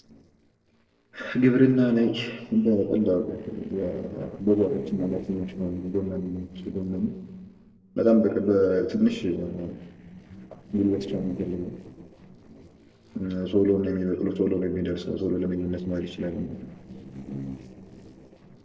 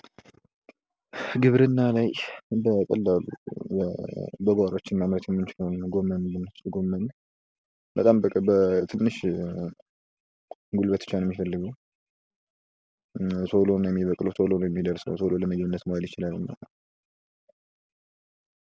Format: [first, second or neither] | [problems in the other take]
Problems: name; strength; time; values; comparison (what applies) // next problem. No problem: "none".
second | noise reduction (neural separator model SepFormer DNS4)